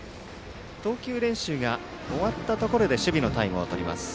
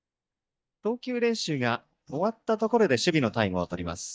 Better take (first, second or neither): first